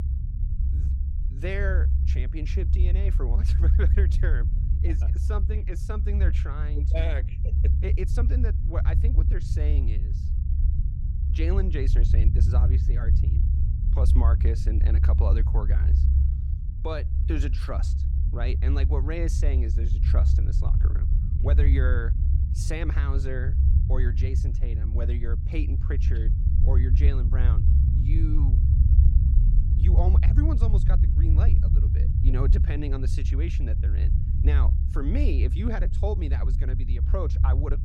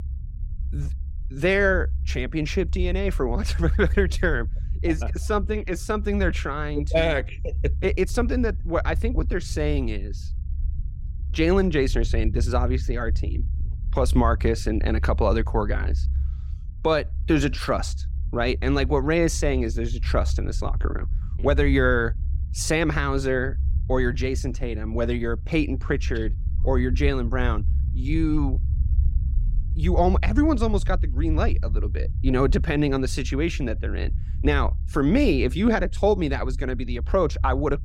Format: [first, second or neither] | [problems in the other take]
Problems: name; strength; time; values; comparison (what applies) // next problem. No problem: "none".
second | low rumble; loud; throughout; 4 dB below the speech; faint in the second